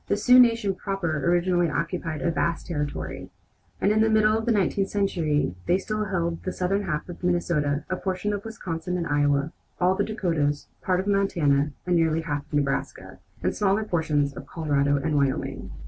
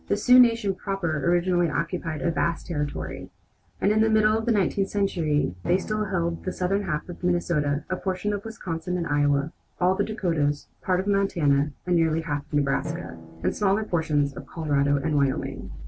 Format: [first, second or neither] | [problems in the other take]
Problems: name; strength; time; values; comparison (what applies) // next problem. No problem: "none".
first | background sound (Drum); 19 dB below the speech